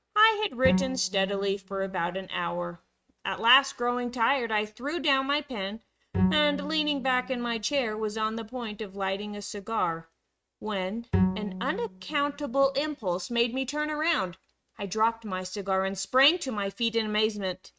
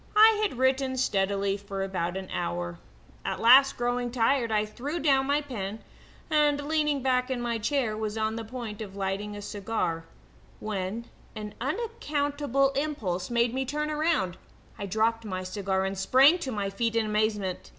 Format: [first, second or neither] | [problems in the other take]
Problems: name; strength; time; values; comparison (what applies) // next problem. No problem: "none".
second | noise reduction (neural mask model RNNoise)